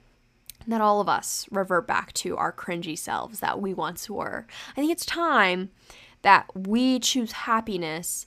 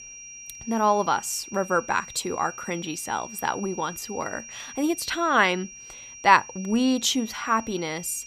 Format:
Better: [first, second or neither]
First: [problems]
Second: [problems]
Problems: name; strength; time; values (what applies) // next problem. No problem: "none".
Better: first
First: none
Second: high-pitched whine; noticeable; throughout; 5.5 kHz, 15 dB below the speech